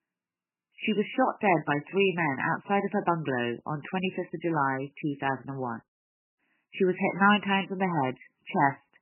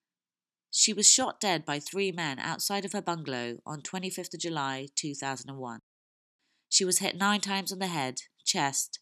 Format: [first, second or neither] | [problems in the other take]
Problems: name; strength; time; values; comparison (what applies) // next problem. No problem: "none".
second | garbled, watery; badly; nothing above 3 kHz